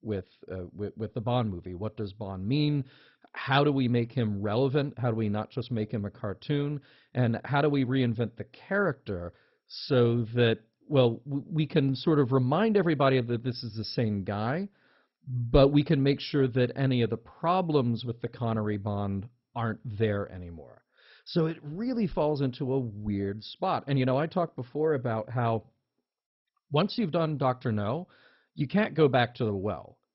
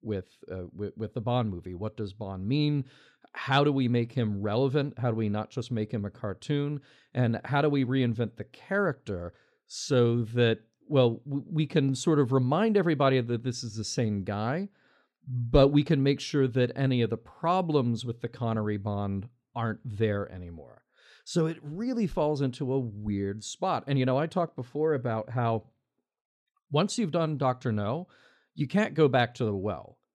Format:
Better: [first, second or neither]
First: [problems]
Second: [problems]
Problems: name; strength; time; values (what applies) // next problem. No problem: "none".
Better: second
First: garbled, watery; badly; nothing above 5.5 kHz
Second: none